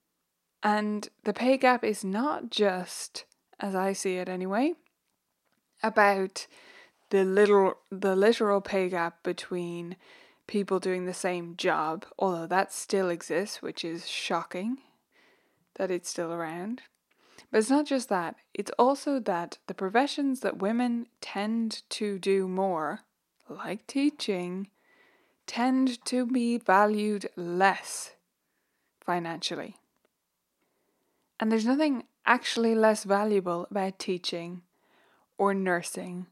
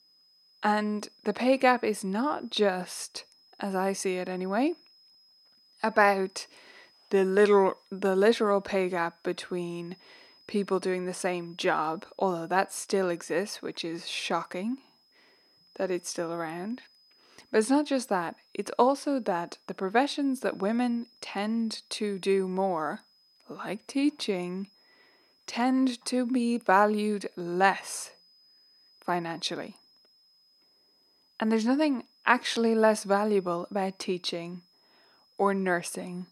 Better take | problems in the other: first | high-pitched whine; faint; throughout; 5 kHz, 30 dB below the speech

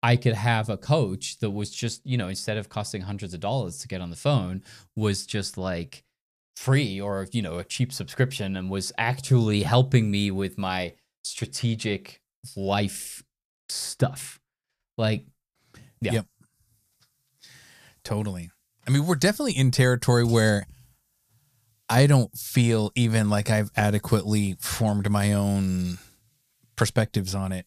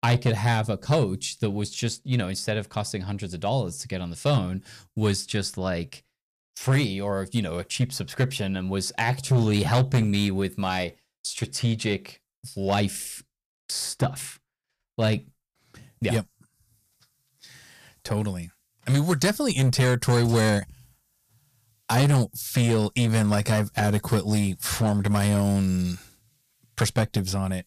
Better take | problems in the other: first | distortion; slight; 5% of the sound clipped

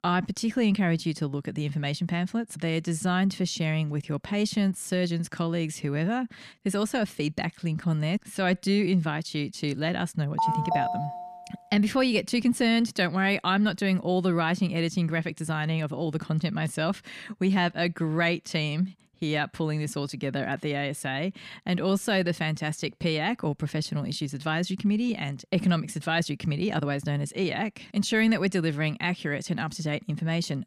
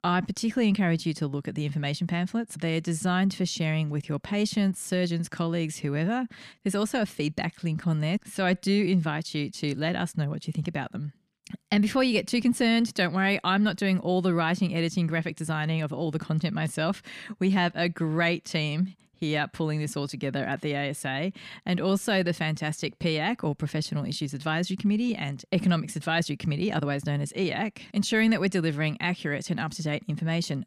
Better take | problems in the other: second | phone ringing; loud; at 10 s; peak 1 dB above the speech

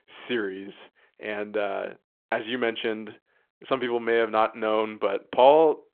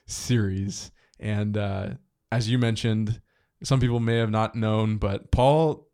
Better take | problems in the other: second | phone-call audio

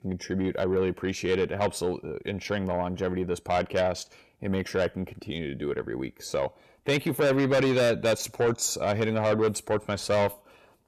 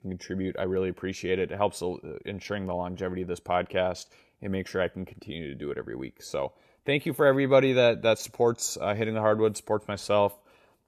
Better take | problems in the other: second | distortion; heavy; 8 dB below the speech

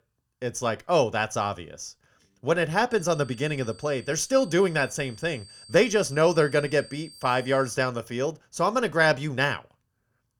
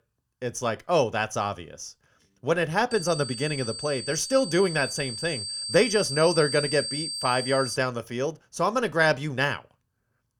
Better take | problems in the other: first | high-pitched whine; loud; from 3 to 8 s; 4.5 kHz, 6 dB below the speech; faint in the first

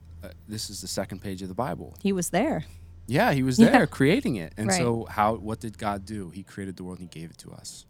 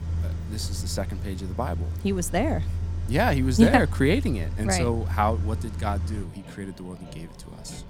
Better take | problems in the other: first | traffic noise; loud; throughout; 5 dB below the speech; faint in the first

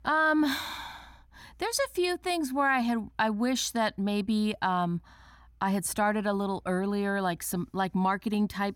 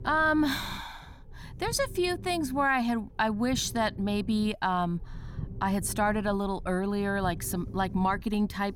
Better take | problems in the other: first | low rumble; faint; throughout; 25 dB below the speech

